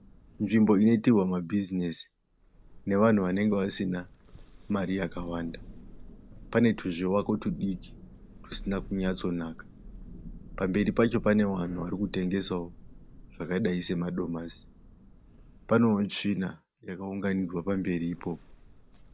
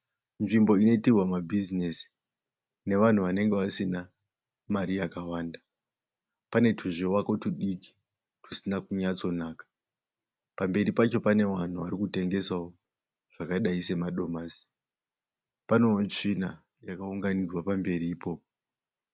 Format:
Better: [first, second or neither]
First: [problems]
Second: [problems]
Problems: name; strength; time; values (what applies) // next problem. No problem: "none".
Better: second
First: background sound (Thunder); 18 dB below the speech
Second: none